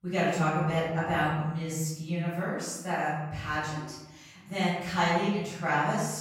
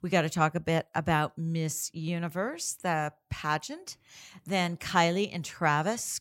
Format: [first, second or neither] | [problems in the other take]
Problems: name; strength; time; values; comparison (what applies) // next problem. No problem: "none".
second | off-mic speech; far // room echo; strong; dies away in 0.9 s